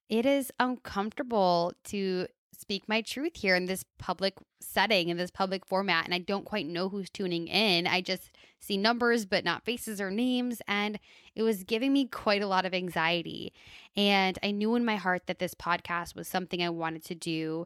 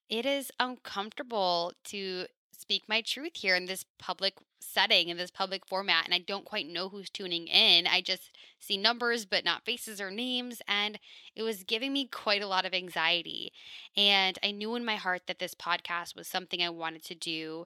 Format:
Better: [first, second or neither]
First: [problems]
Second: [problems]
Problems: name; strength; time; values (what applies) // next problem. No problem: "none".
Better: first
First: none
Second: thin; very slightly; fading below 450 Hz